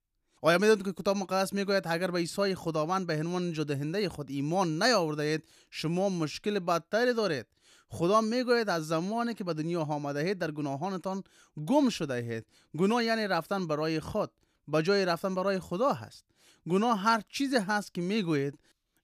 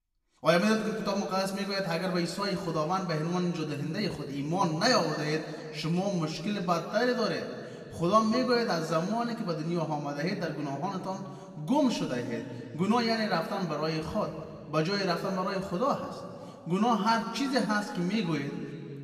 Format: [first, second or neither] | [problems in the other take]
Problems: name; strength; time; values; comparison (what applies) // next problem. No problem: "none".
first | room echo; slight; dies away in 1.9 s // off-mic speech; somewhat distant